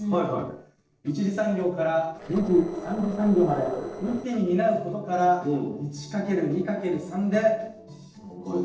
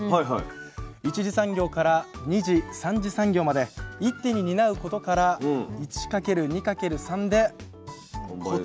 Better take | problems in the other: second | noise reduction (neural separator model SepFormer DNS4)

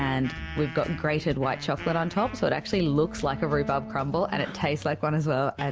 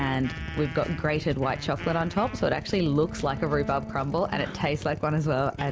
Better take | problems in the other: first | background sound (Drill); 13 dB below the speech

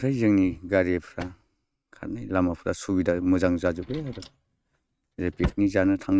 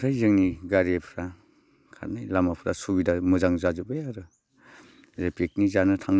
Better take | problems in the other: second | noise reduction (neural mask model RNNoise)

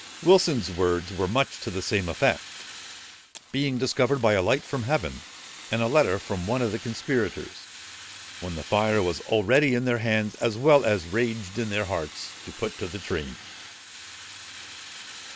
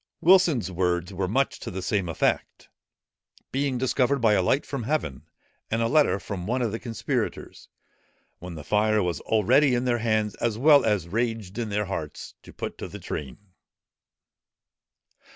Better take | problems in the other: second | background sound (Fire); 16 dB below the speech

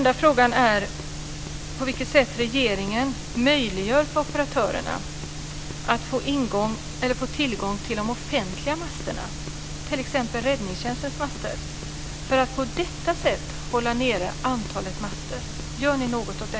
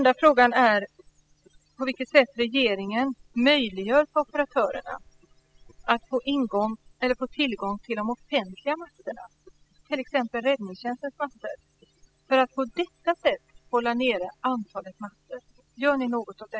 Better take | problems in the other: first | noise reduction (classical method spectral subtraction)

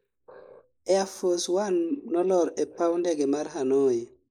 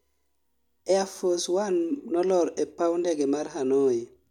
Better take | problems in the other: second | noise reduction (neural mask model Resemble Enhance denoiser)

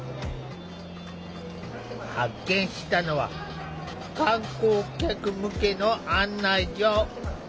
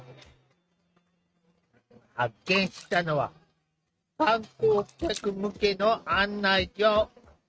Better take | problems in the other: first | noise reduction (neural mask model RNNoise)

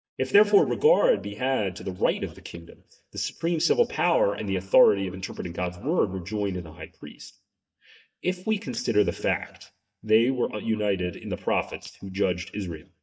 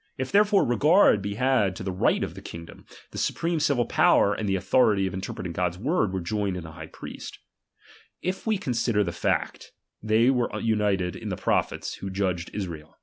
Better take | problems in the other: second | noise reduction (neural mask model DeepFilterNet 3)

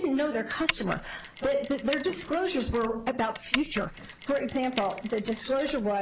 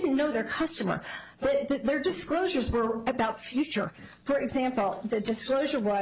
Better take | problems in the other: second | background sound (Mechanisms); 10 dB below the speech

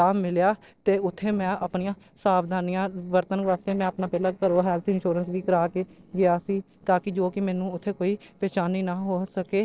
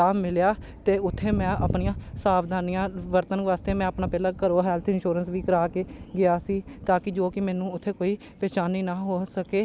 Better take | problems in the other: second | noise reduction (neural separator model SepFormer DNS4)

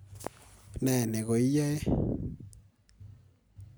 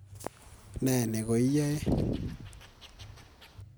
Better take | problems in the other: first | background sound (Wild animals); 19 dB below the speech

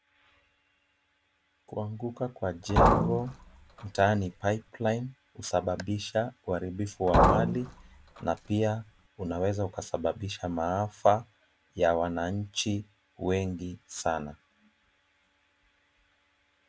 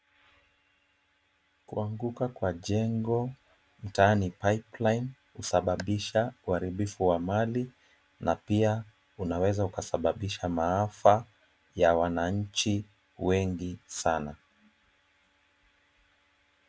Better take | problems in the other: second | background sound (Liquid); 3 dB above the speech

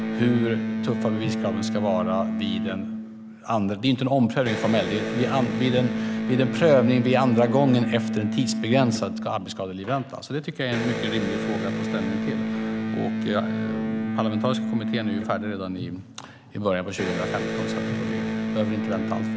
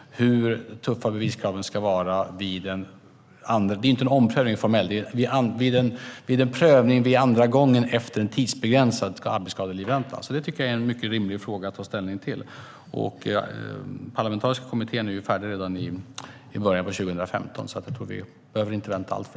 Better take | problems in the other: second | background sound (Electric guitar); 2 dB below the speech

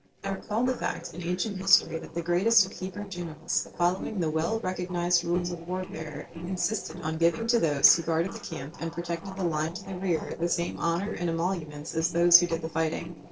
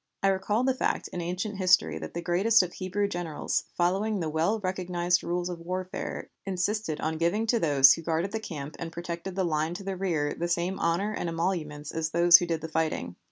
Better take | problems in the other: second | noise reduction (neural separator model SepFormer DNS4)

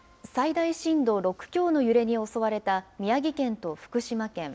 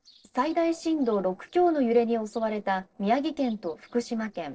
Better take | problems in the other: first | noise reduction (neural separator model SepFormer DNS4)

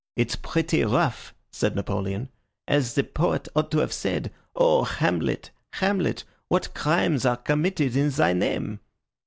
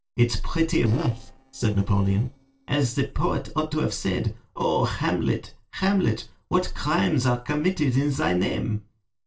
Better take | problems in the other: first | noise reduction (neural separator model SepFormer DNS4)

